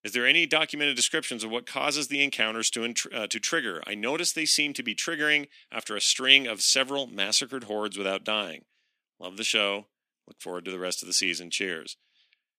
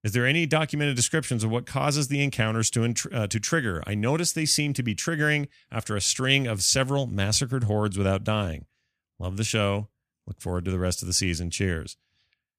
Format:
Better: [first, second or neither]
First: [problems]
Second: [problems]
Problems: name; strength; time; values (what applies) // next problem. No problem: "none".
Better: second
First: thin; somewhat; fading below 250 Hz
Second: none